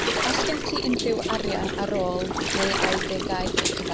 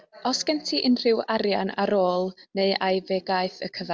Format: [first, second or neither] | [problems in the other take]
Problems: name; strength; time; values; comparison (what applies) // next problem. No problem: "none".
second | background sound (Gurgling); 2 dB above the speech